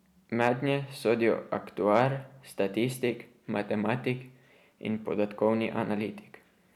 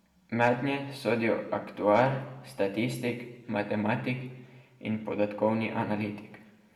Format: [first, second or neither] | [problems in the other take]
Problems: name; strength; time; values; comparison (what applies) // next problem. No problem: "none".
first | room echo; dies away in 0.9 s